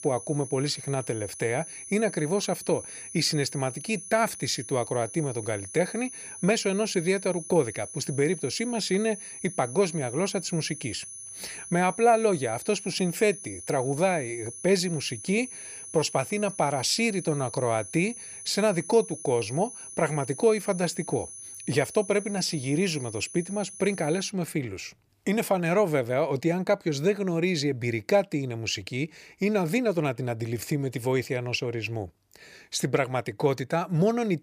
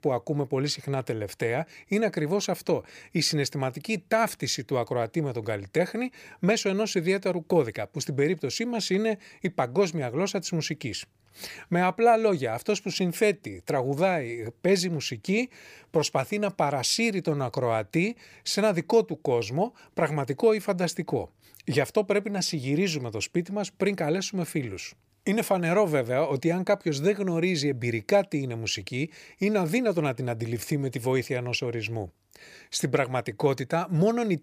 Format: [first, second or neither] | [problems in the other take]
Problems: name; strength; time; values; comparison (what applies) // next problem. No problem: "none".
second | high-pitched whine; noticeable; until 24 s; 10 kHz, 10 dB below the speech